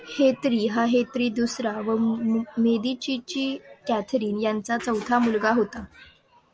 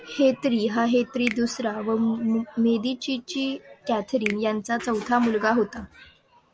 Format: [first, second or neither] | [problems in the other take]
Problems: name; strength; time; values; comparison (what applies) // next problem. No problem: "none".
first | background sound (Finger snapping); 17 dB below the speech